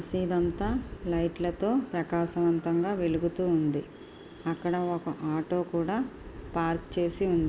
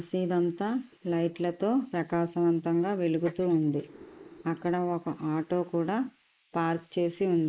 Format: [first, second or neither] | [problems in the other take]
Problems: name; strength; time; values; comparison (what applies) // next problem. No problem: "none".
first | noise reduction (neural mask model Resemble Enhance denoiser)